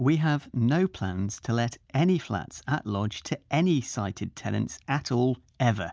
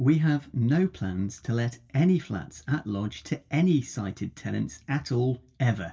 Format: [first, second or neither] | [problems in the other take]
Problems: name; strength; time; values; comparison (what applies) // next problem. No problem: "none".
first | room echo; dies away in 0.1 s